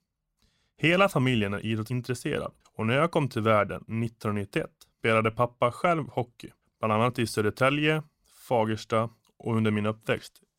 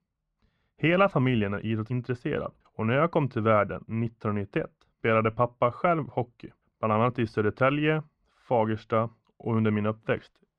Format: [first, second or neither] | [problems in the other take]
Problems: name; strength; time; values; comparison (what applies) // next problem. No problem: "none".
first | muffled; very; fading above 2 kHz